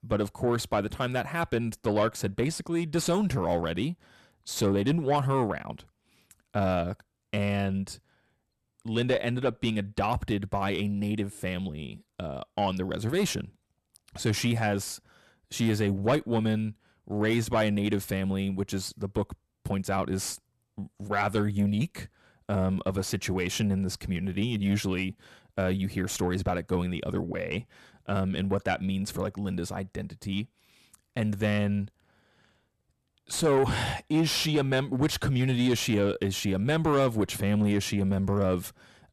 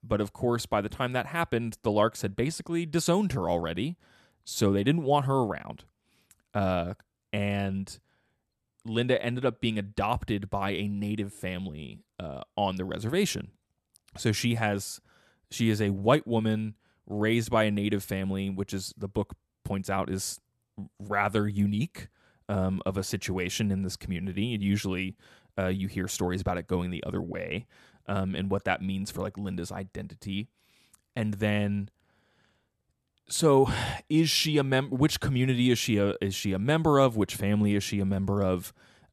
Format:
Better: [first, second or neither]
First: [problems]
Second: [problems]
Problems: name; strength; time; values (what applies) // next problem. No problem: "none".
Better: second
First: distortion; slight; 10 dB below the speech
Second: none